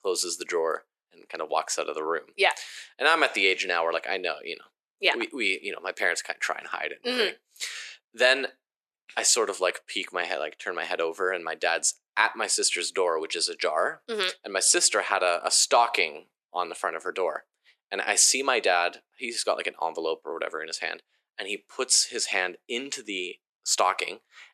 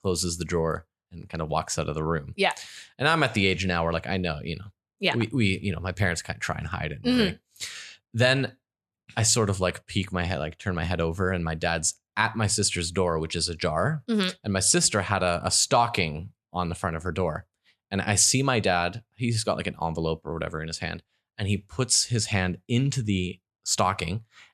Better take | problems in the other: second | thin; very; fading below 350 Hz

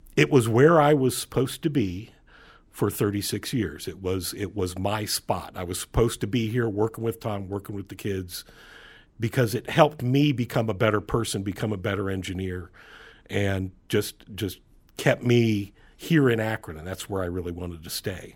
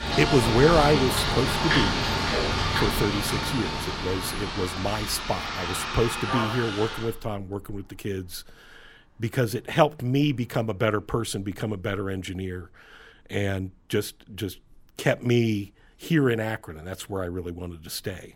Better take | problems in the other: first | traffic noise; very loud; throughout; as loud as the speech

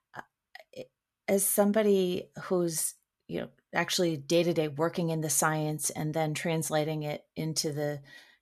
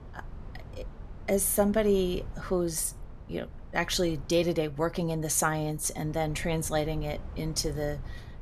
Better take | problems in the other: first | low rumble; faint; throughout; 25 dB below the speech

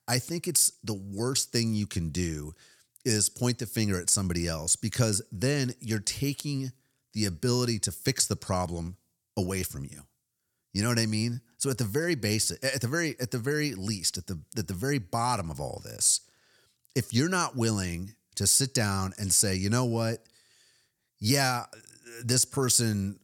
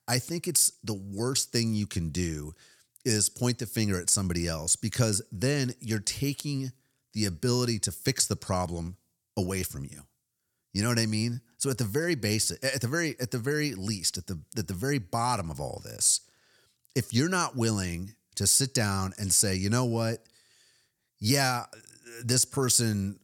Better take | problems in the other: neither | none

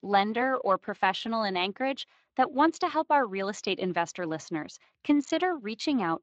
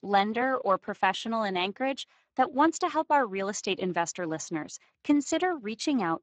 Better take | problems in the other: first | garbled, watery; badly; nothing above 7.5 kHz; slightly in the first

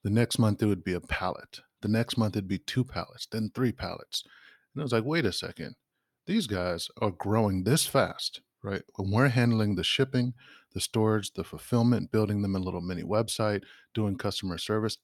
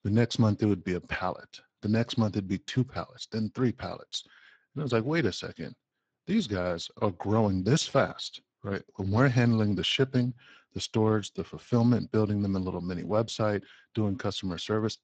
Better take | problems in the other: first | garbled, watery; badly; nothing above 7.5 kHz

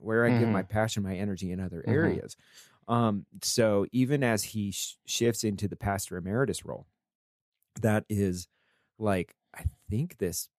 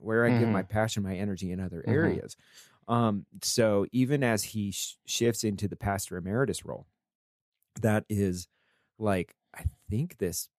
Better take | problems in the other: neither | none

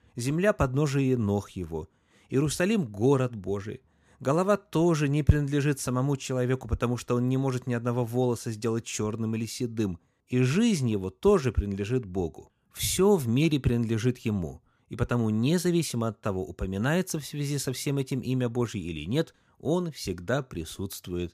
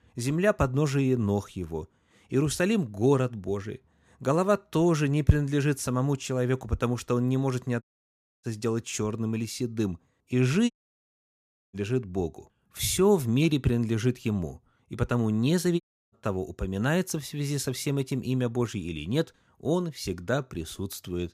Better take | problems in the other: first | audio cutting out; at 8 s for 0.5 s, at 11 s for 1 s and at 16 s

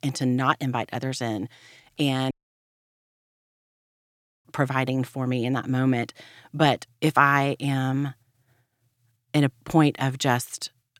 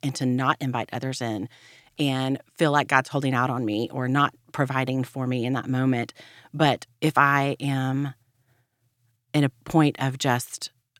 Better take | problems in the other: second | audio cutting out; at 2.5 s for 2 s

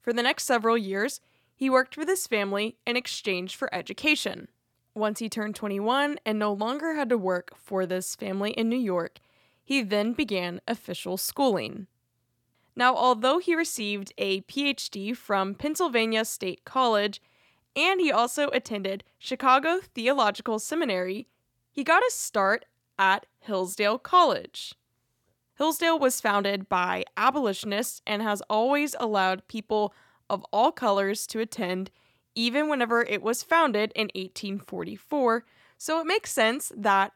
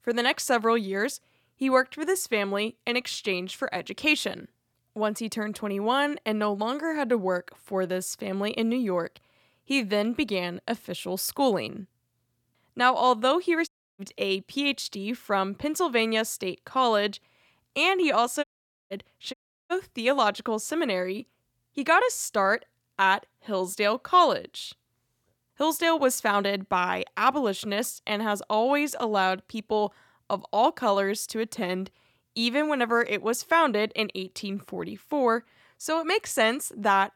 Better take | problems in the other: first | audio cutting out; at 14 s, at 18 s and at 19 s

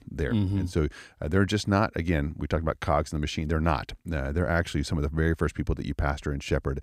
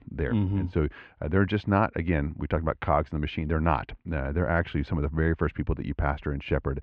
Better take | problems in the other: first | muffled; very; fading above 2.5 kHz

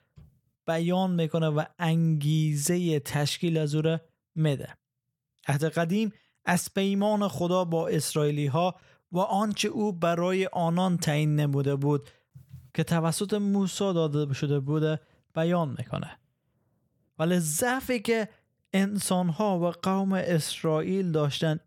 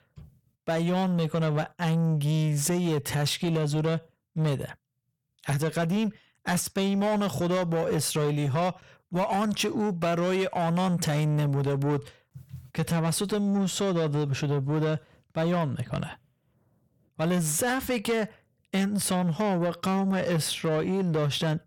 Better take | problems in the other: first | distortion; slight; 10 dB below the speech

